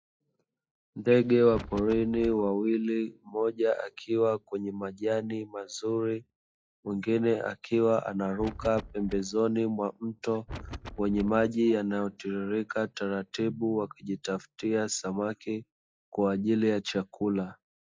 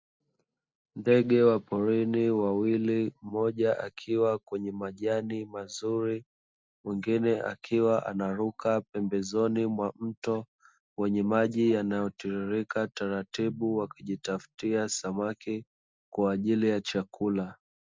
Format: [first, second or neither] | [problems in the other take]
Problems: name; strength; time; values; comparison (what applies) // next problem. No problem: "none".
second | noise reduction (classical method log-MMSE)